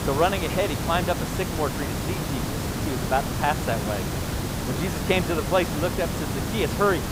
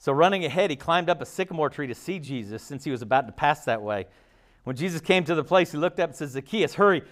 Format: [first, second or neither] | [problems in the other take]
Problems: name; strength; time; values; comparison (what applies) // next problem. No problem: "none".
second | hiss; loud; throughout; 1 dB below the speech